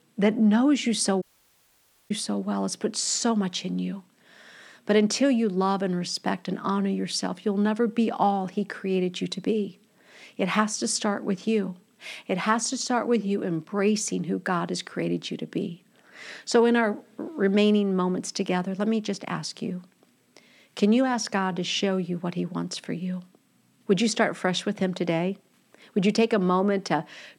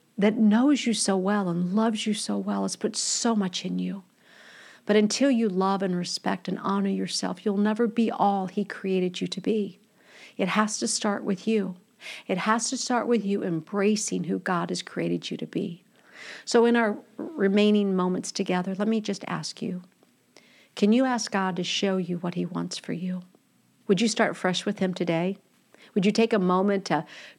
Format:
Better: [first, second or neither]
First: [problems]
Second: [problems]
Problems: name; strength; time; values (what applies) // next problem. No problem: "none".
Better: second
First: audio cutting out; at 1 s for 1 s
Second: none